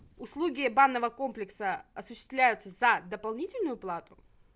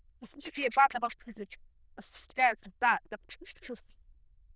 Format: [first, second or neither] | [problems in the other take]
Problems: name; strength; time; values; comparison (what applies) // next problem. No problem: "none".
first | noise reduction (neural diffusion model UNIVERSE++)